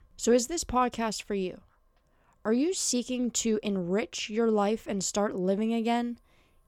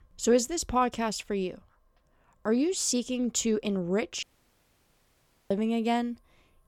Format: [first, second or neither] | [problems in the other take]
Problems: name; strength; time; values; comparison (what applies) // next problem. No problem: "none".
first | audio cutting out; at 4 s for 1.5 s